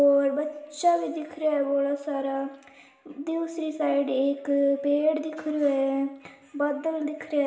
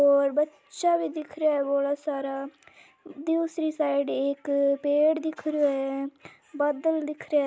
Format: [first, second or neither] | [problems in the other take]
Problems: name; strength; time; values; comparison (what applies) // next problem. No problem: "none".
second | room echo; dies away in 0.9 s